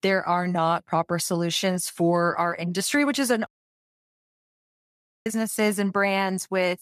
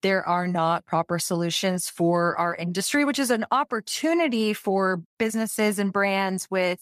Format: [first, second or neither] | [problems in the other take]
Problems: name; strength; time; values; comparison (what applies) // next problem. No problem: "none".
second | audio cutting out; at 3.5 s for 2 s